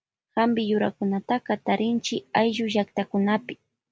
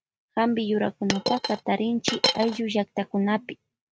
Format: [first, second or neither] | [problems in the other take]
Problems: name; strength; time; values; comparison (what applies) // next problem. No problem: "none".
first | noise reduction (neural mask model RNNoise)